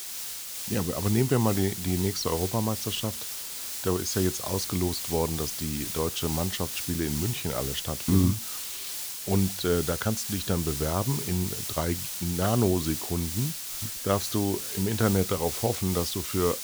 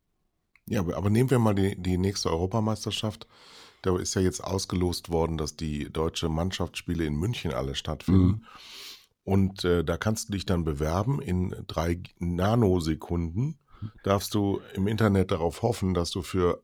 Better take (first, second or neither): second